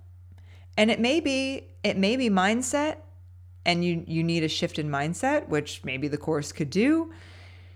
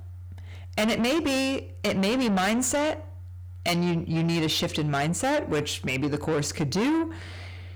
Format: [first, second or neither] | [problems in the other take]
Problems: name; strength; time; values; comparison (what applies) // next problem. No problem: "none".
first | distortion; heavy; 7 dB below the speech